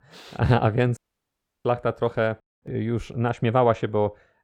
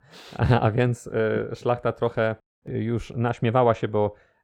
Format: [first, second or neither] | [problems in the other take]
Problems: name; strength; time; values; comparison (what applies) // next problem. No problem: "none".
second | audio cutting out; at 1 s for 0.5 s